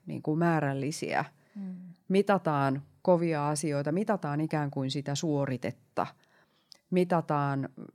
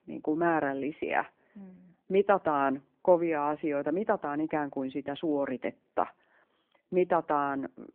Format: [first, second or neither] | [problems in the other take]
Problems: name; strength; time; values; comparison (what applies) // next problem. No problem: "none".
first | phone-call audio